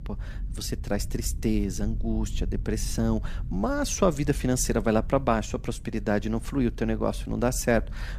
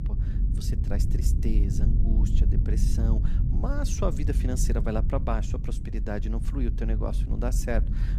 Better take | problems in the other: first | low rumble; loud; throughout; 7 dB below the speech; faint in the first

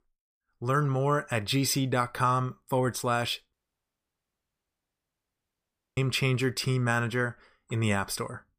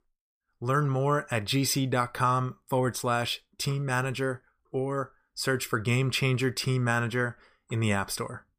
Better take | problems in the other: second | audio cutting out; at 3.5 s for 2.5 s

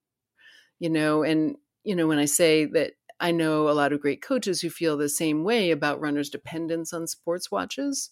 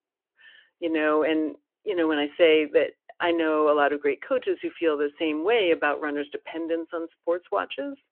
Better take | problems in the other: first | phone-call audio

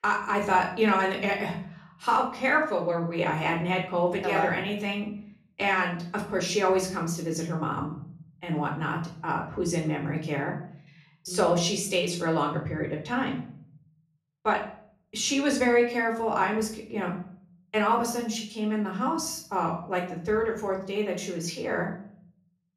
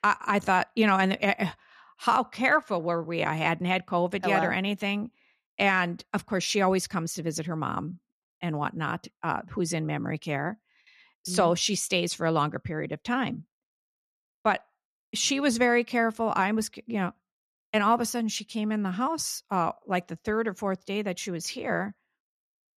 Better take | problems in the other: second | off-mic speech; somewhat distant // room echo; slight; dies away in 0.5 s

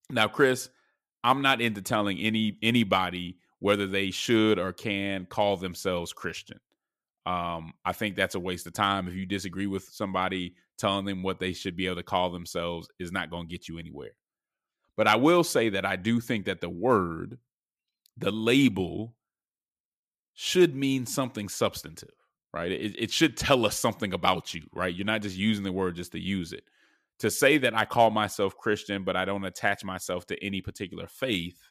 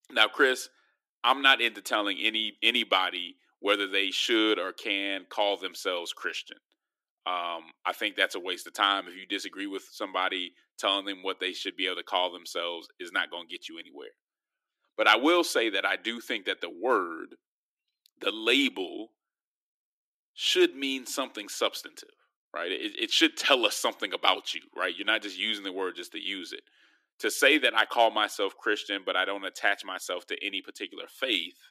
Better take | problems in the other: first | thin; somewhat; fading below 300 Hz

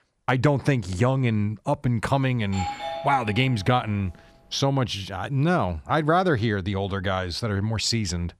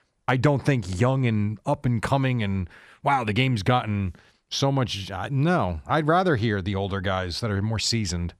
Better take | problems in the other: second | doorbell; noticeable; from 2.5 to 4 s; peak 6 dB below the speech

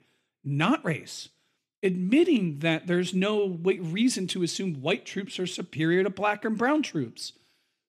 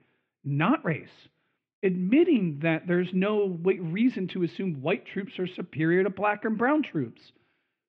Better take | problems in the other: first | muffled; very; fading above 2.5 kHz

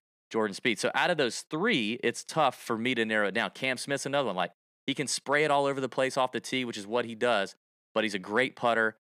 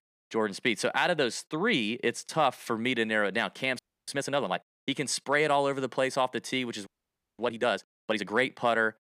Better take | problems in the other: first | audio freezing; at 4 s and at 7 s for 0.5 s

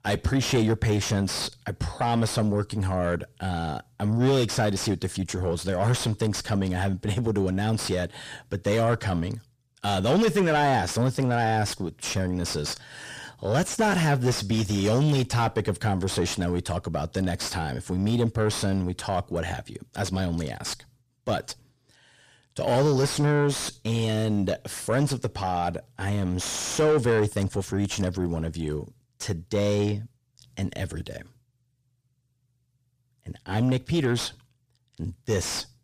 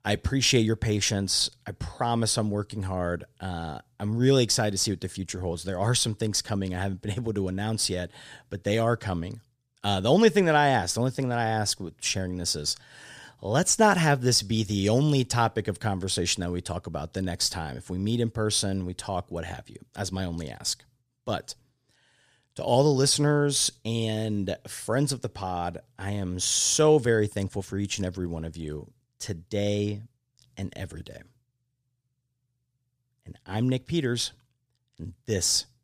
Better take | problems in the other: second | distortion; heavy; 6 dB below the speech

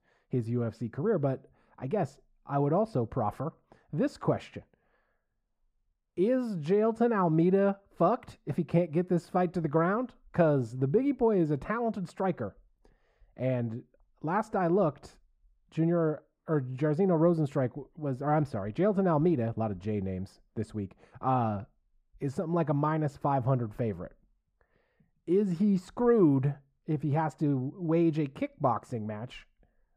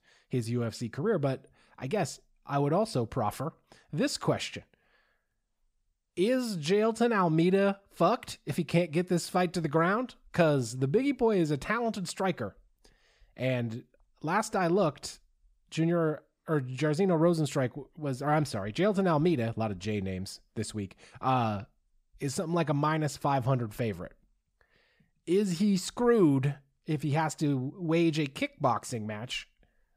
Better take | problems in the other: second | muffled; very; fading above 2 kHz

